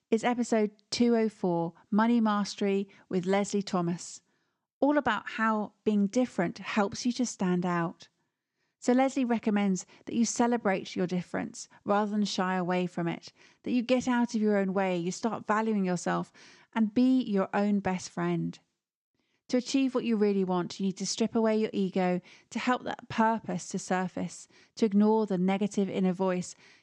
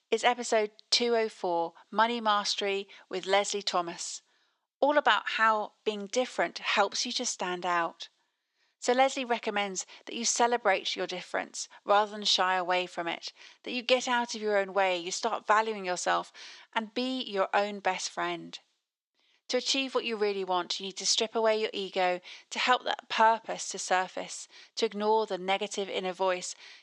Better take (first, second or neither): first